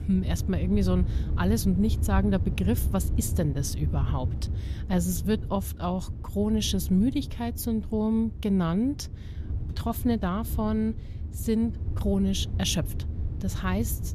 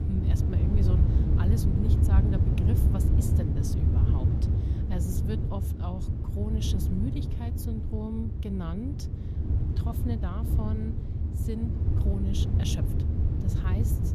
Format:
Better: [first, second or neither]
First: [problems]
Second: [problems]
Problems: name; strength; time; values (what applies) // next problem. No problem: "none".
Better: first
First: wind noise on the microphone; occasional gusts; 15 dB below the speech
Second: wind noise on the microphone; heavy; 1 dB above the speech